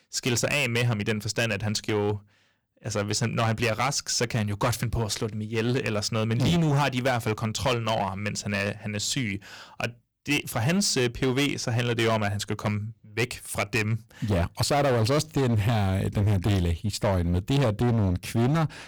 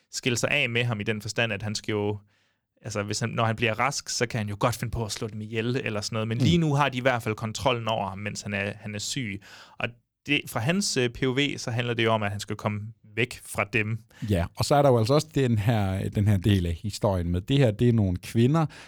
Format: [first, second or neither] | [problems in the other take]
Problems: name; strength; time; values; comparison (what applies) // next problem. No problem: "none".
second | distortion; heavy; 12% of the sound clipped